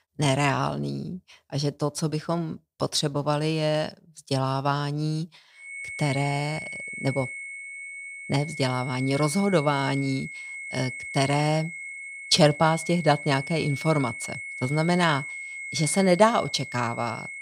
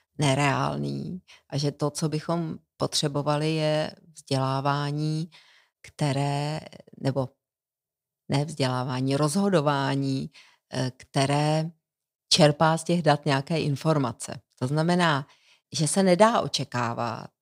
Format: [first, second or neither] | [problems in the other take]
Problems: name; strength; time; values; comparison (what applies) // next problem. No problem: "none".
second | high-pitched whine; loud; from 5.5 s on; 2 kHz, 9 dB below the speech